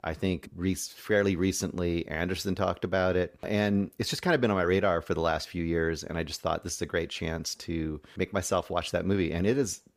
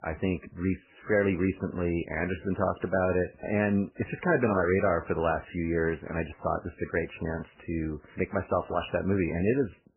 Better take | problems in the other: first | garbled, watery; badly; nothing above 3 kHz

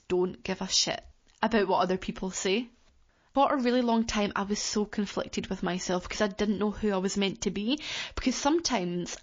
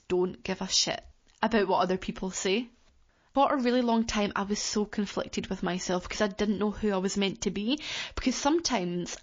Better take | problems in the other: neither | garbled, watery; slightly; the same in both

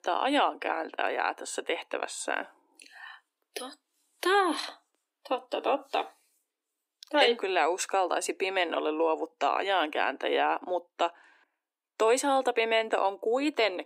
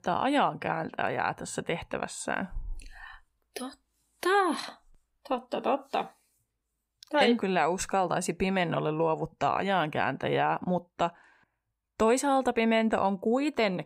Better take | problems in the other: second | thin; somewhat; fading below 300 Hz

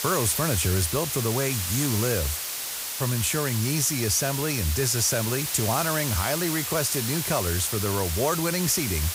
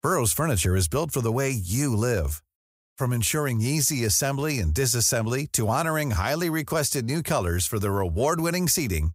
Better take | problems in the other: second | hiss; loud; throughout; 3 dB below the speech

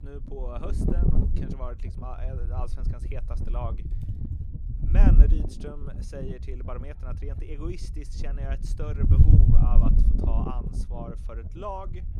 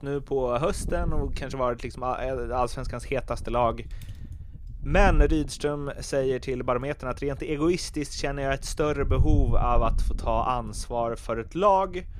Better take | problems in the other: second | wind noise on the microphone; heavy; 1 dB above the speech; occasional gusts in the second

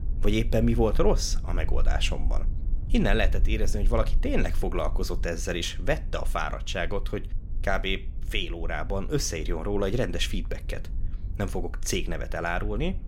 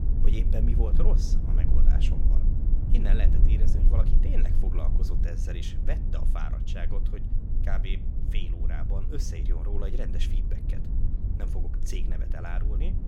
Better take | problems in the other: first | low rumble; loud; throughout; 3 dB below the speech; faint in the first

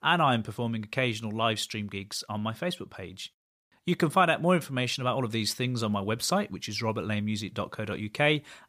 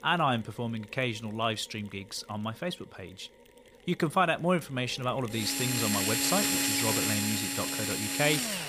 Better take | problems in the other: first | machinery noise; very loud; throughout; 3 dB above the speech

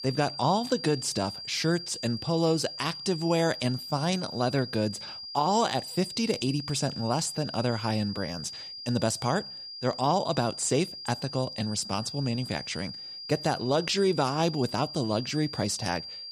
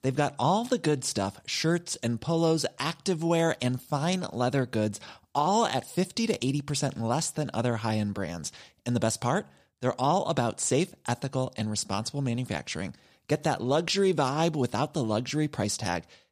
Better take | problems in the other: second | high-pitched whine; loud; throughout; 5 kHz, 9 dB below the speech

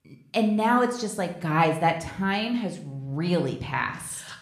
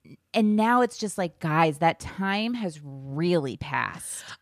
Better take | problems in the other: second | room echo; slight; dies away in 0.6 s

